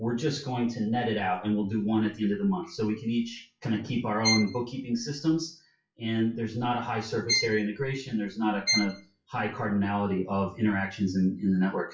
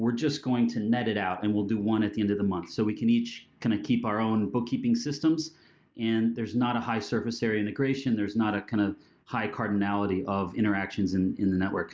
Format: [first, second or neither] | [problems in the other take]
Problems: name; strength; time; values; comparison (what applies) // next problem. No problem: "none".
second | noise reduction (classical method WPE with log-MMSE)